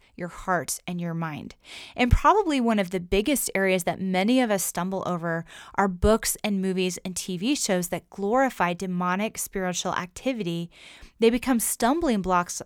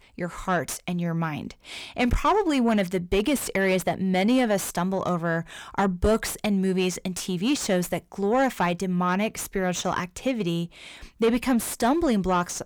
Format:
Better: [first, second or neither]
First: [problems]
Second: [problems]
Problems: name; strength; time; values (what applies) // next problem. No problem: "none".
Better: first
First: none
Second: distortion; slight; 10 dB below the speech